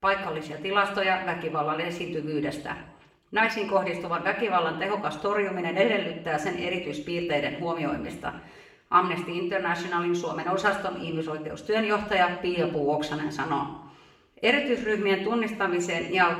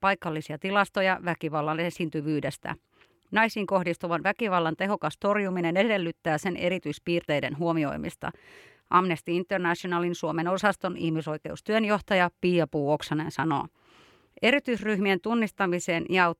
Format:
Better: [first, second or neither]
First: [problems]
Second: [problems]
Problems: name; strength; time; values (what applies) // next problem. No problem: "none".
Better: second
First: room echo; slight; dies away in 0.7 s // off-mic speech; far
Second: none